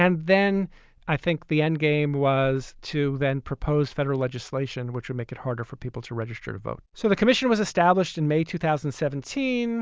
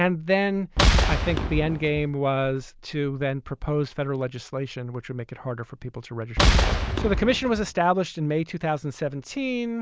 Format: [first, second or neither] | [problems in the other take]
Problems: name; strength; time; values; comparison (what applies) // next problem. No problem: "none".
first | background sound (Boom); 4 dB above the speech